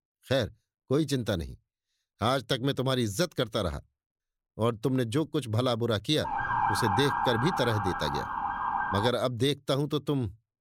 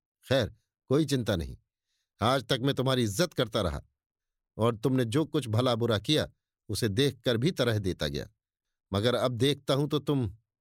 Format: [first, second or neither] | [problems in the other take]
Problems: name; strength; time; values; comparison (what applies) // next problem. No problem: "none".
second | siren; loud; from 6 to 9 s; peak 2 dB above the speech